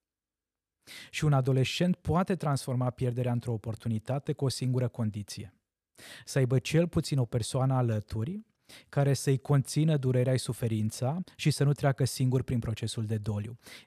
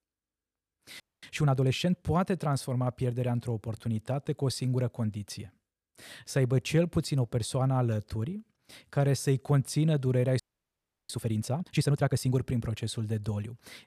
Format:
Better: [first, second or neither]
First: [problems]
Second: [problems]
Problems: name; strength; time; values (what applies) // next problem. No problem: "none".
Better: first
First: none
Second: audio freezing; at 1 s and at 10 s for 0.5 s